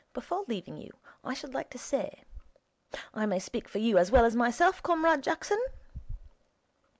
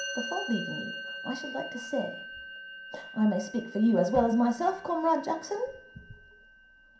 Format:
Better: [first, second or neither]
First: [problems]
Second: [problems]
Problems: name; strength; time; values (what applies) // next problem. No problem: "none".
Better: first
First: none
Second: background sound (Musical instrument); 12 dB below the speech // room echo; dies away in 0.5 s